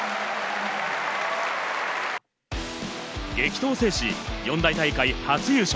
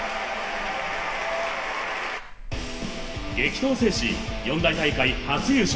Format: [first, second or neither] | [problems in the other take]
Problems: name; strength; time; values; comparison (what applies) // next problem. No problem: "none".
first | background sound (Ocean); 13 dB below the speech // room echo; dies away in 1.6 s